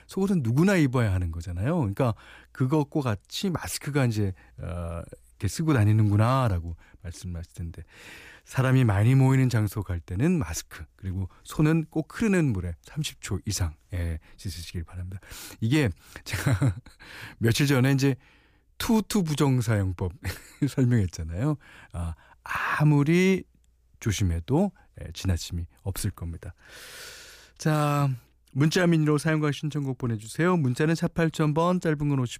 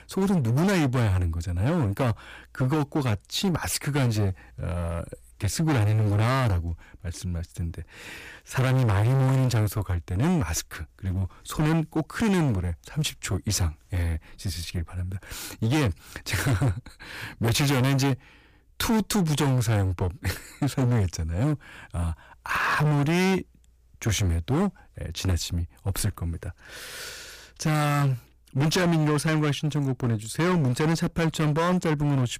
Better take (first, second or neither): first